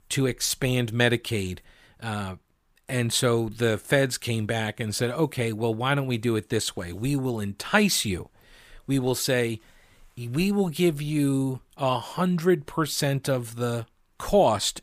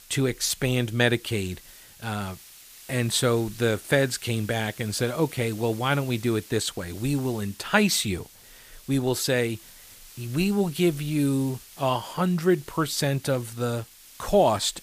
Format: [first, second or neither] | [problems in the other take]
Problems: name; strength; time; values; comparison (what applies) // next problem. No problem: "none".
first | hiss; noticeable; throughout; 20 dB below the speech